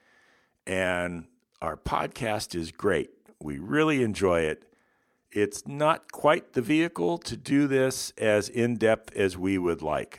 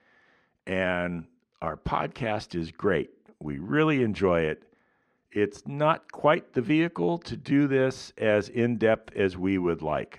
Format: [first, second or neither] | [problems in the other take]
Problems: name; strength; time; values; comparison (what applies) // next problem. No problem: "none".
first | muffled; slightly; fading above 3.5 kHz